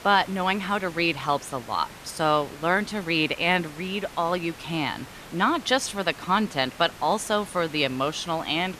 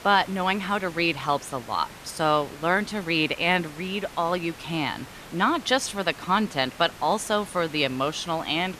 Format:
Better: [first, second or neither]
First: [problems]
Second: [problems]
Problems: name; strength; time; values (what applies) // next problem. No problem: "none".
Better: neither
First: hiss; noticeable; throughout; 15 dB below the speech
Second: hiss; noticeable; throughout; 15 dB below the speech